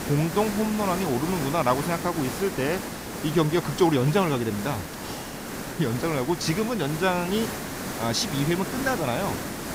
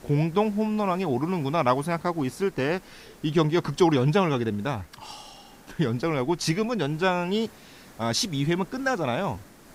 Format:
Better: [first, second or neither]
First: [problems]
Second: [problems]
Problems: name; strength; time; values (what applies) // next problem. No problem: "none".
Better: second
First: hiss; loud; throughout; 7 dB below the speech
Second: hiss; faint; throughout; 25 dB below the speech